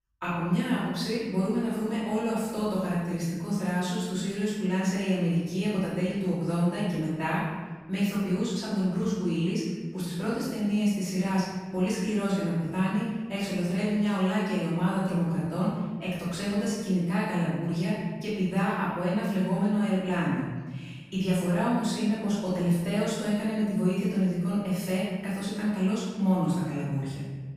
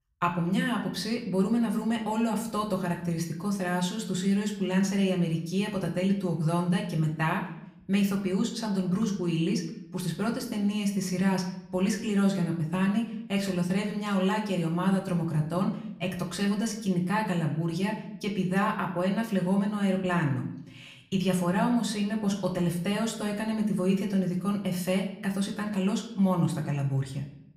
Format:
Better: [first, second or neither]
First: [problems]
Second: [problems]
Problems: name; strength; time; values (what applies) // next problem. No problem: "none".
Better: second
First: room echo; strong; dies away in 1.4 s // off-mic speech; far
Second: room echo; slight; dies away in 0.6 s // off-mic speech; far